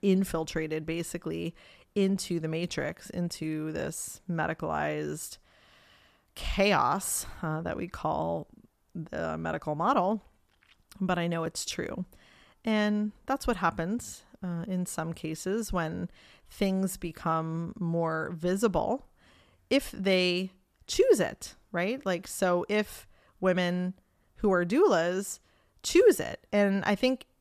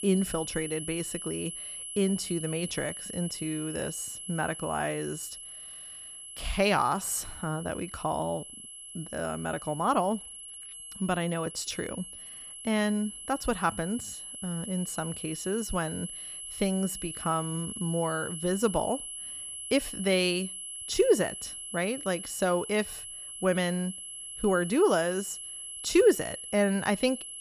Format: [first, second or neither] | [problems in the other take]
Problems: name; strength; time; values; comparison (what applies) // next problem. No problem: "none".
first | high-pitched whine; loud; throughout; 11 kHz, 8 dB below the speech